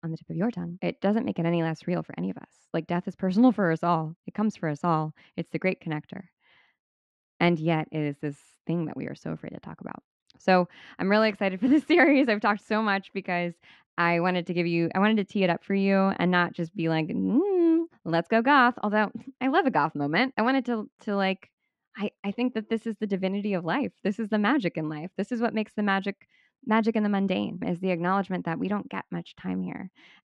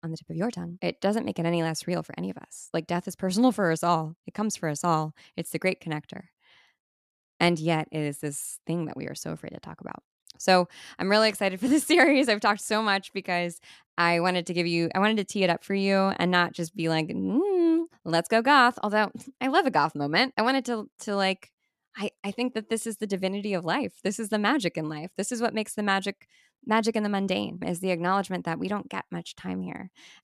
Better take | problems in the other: second | muffled; slightly; fading above 2.5 kHz

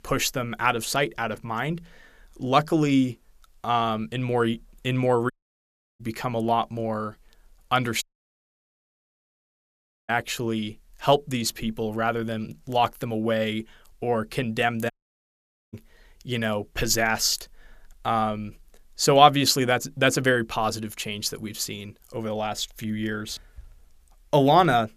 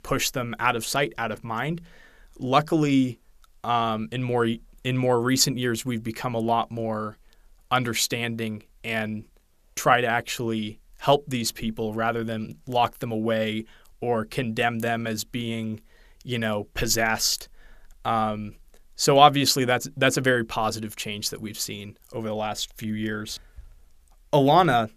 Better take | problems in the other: second | audio cutting out; at 5.5 s for 0.5 s, at 8 s for 2 s and at 15 s for 1 s

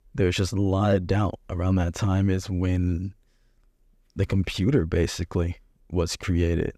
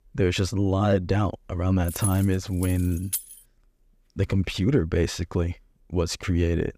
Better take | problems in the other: first | jangling keys; noticeable; from 2 to 3.5 s; peak 5 dB below the speech

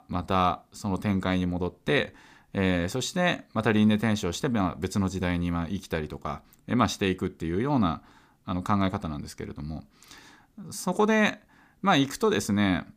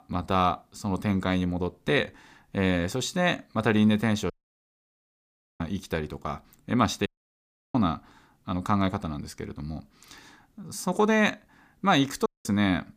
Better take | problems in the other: first | audio cutting out; at 4.5 s for 1.5 s, at 7 s for 0.5 s and at 12 s

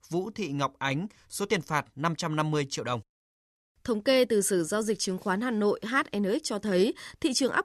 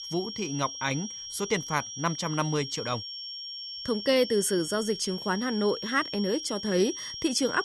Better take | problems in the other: first | high-pitched whine; loud; throughout; 5.5 kHz, 7 dB below the speech

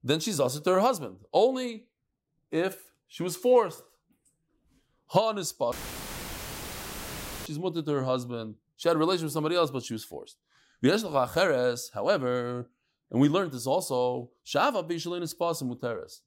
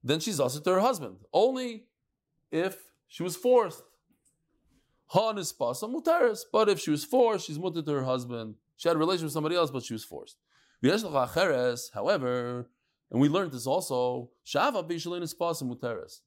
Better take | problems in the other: second | audio cutting out; filled with static; at 5.5 s for 1.5 s

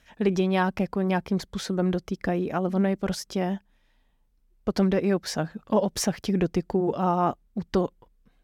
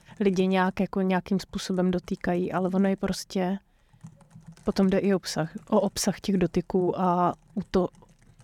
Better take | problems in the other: first | household noises; faint; throughout; 30 dB below the speech

